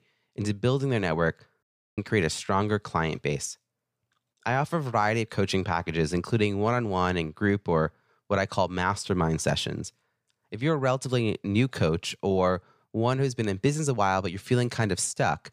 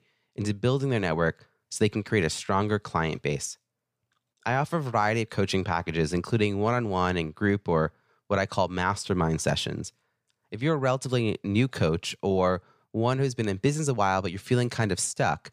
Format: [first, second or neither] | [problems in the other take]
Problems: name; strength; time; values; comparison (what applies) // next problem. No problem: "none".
second | audio cutting out; at 1.5 s